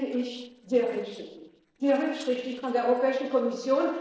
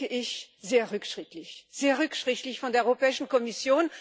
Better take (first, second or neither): second